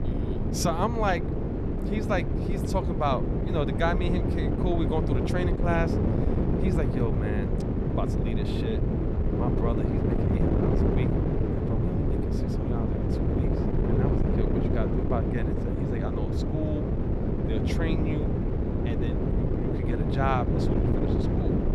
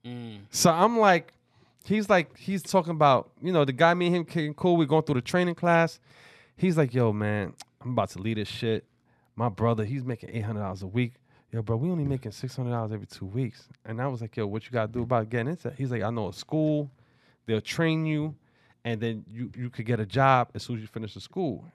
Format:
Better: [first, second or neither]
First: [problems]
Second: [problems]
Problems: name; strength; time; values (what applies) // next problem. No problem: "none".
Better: second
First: wind noise on the microphone; heavy; 1 dB below the speech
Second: none